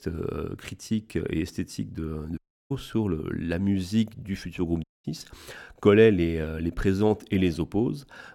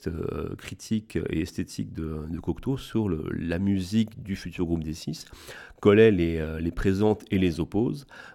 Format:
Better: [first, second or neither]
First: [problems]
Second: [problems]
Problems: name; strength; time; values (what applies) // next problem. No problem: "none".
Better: second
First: audio cutting out; at 2.5 s and at 5 s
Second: none